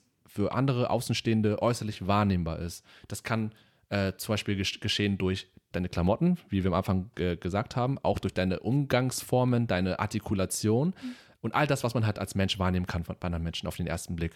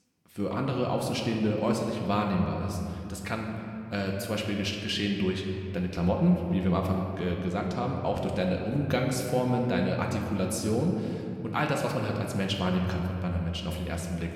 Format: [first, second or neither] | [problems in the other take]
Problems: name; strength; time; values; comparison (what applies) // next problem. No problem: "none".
first | room echo; noticeable; dies away in 2.2 s